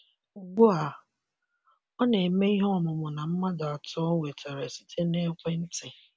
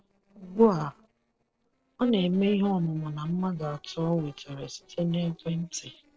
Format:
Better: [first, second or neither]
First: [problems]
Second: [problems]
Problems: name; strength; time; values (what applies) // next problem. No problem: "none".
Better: first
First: none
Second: noise reduction (neural separator model SepFormer DNS4)